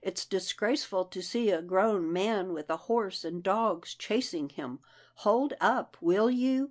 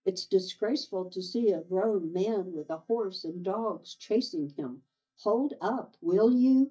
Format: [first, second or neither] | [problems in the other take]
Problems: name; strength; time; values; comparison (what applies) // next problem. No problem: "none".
first | noise reduction (neural mask model DeepFilterNet 3)